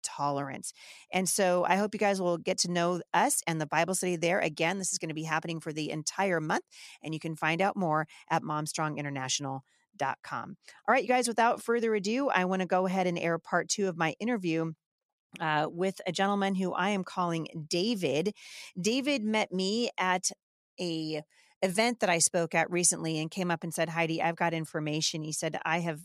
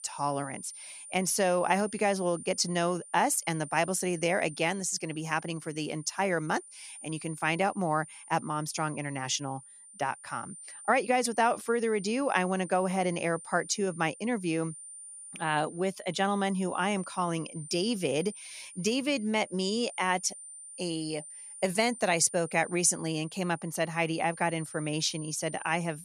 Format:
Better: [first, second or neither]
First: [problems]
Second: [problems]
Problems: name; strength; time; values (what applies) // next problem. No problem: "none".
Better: first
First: none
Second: high-pitched whine; noticeable; throughout; 9 kHz, 15 dB below the speech